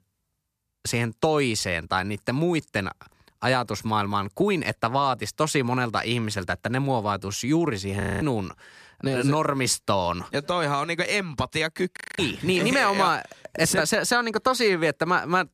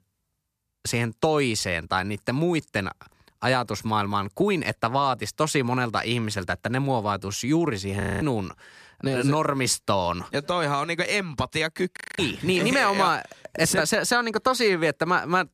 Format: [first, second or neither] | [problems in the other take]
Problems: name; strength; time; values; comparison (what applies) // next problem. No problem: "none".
neither | audio freezing; at 8 s and at 12 s; the same in both